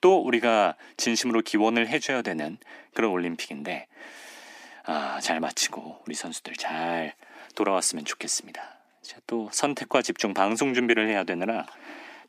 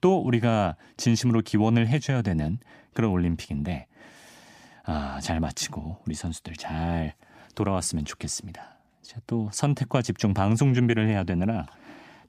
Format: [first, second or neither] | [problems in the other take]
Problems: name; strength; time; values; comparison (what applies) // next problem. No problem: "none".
second | thin; somewhat; fading below 300 Hz